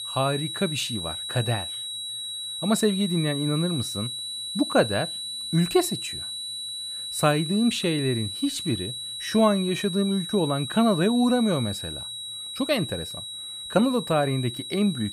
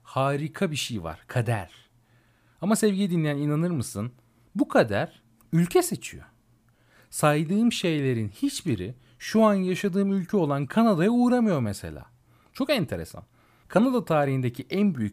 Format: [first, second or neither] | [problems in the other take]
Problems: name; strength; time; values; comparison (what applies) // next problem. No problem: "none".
second | high-pitched whine; loud; throughout; 4 kHz, 6 dB below the speech